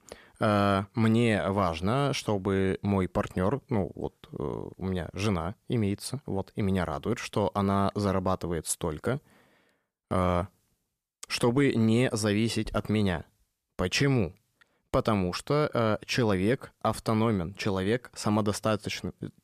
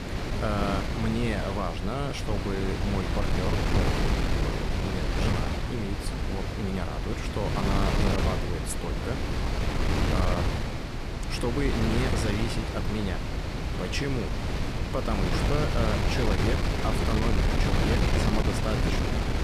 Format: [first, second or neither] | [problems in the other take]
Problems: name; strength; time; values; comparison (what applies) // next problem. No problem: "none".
first | wind noise on the microphone; heavy; 2 dB above the speech